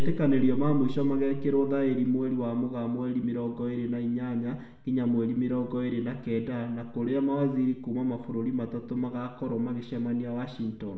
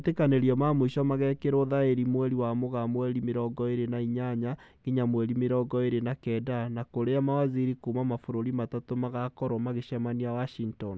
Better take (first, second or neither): second